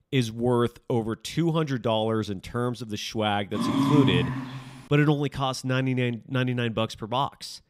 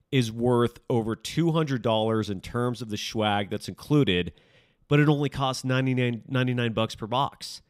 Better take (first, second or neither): second